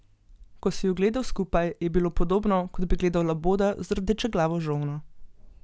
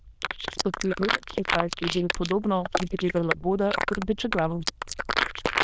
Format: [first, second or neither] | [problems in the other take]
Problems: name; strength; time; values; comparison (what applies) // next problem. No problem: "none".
first | noise reduction (neural diffusion model UNIVERSE++)